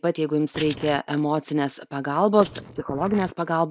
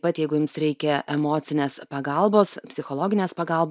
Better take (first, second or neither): second